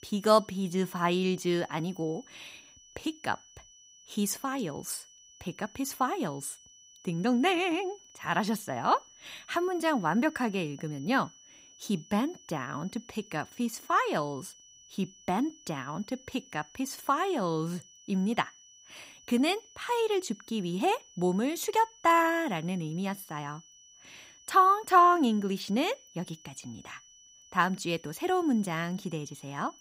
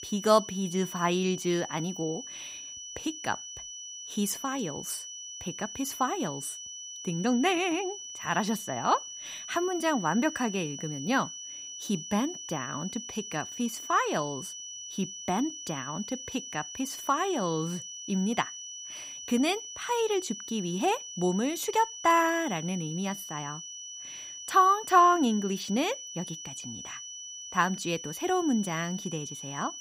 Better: first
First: high-pitched whine; faint; throughout; 6 kHz, 25 dB below the speech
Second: high-pitched whine; loud; throughout; 6 kHz, 9 dB below the speech

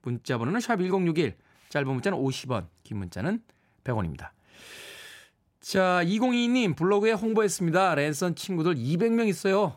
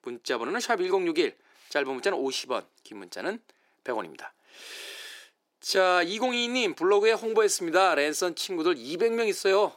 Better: first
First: none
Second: thin; somewhat; fading below 350 Hz

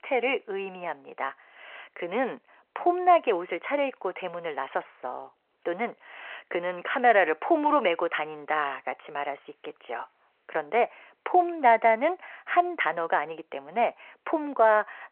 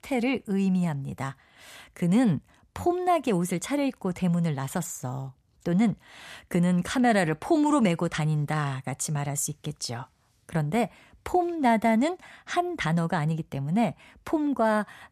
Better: second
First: phone-call audio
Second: none

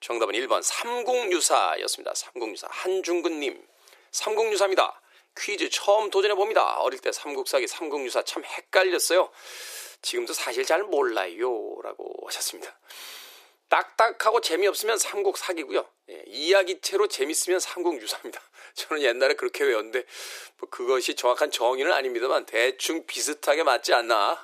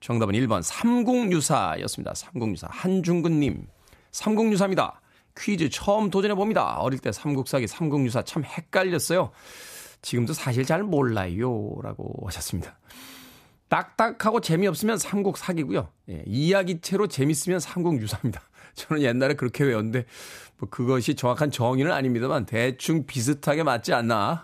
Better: second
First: thin; very; fading below 350 Hz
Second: none

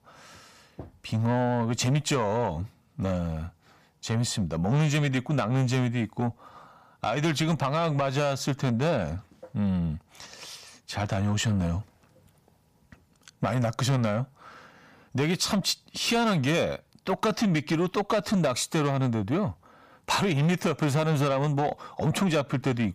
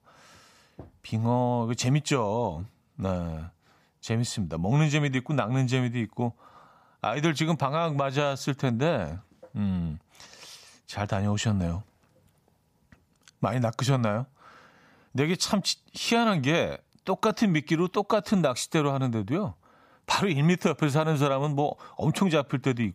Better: second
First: distortion; slight; 10 dB below the speech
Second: none

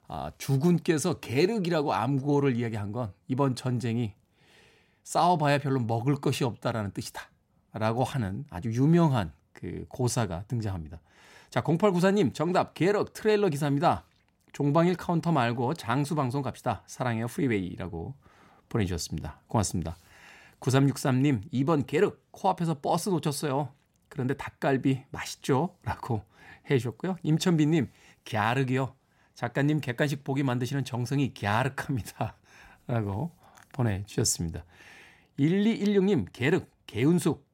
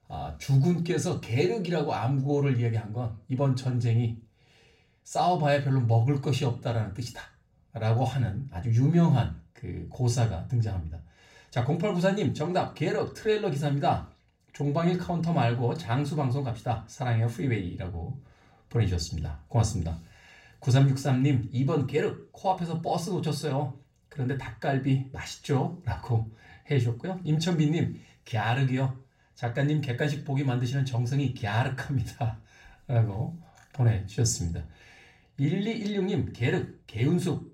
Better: first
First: none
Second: room echo; very slight; dies away in 0.3 s // off-mic speech; far

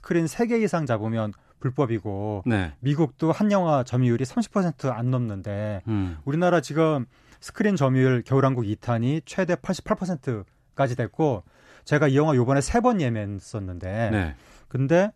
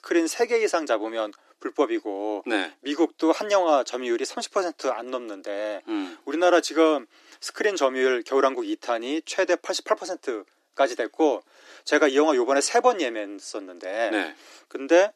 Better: first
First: none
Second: thin; very; fading below 300 Hz

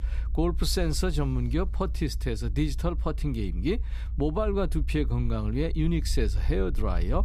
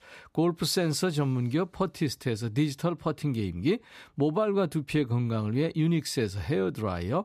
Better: second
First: low rumble; faint; throughout; 20 dB below the speech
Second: none

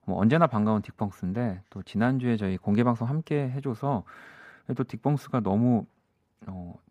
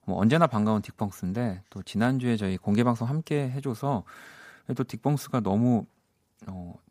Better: second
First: muffled; slightly; fading above 4 kHz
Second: none

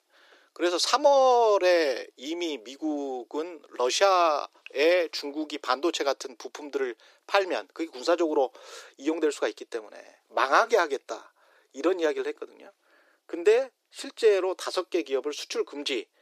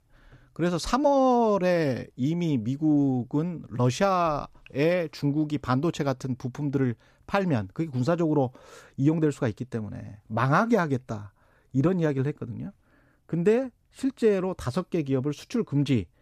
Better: second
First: thin; very; fading below 350 Hz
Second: none

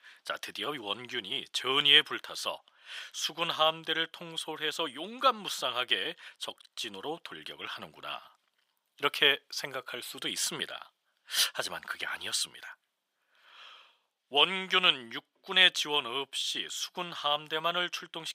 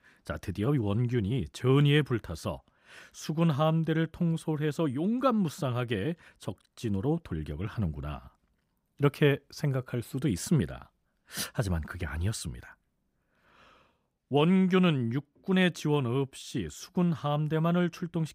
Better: second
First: thin; very; fading below 800 Hz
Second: none

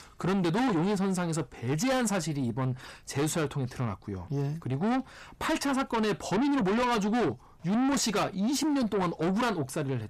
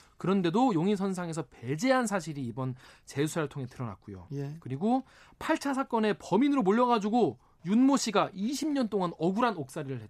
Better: second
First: distortion; heavy; 6 dB below the speech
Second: none

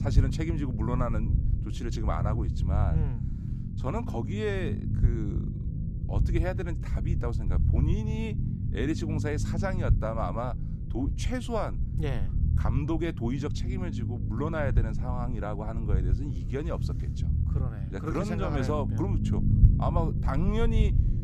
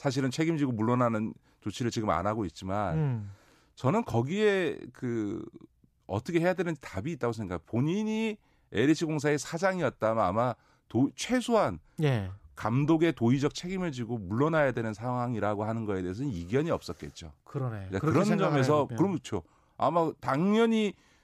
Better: second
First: low rumble; loud; throughout; 7 dB below the speech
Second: none

